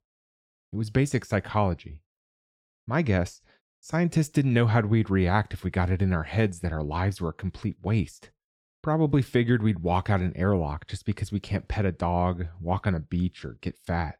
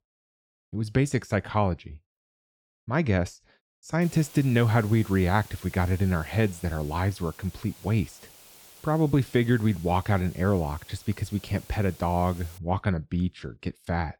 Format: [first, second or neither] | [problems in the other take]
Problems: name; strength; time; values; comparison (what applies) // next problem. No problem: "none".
first | hiss; faint; from 4 to 13 s; 20 dB below the speech